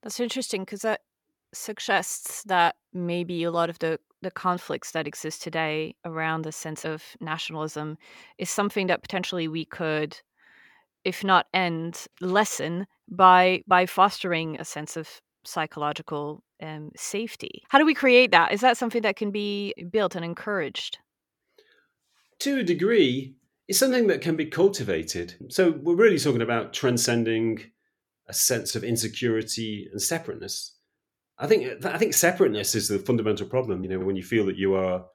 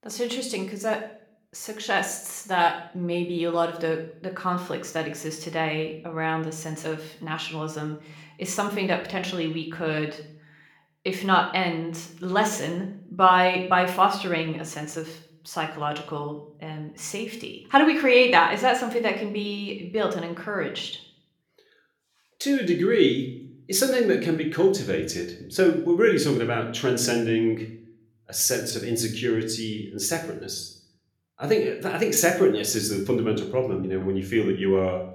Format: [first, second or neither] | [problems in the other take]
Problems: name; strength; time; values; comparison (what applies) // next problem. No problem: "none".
first | room echo; slight; dies away in 0.5 s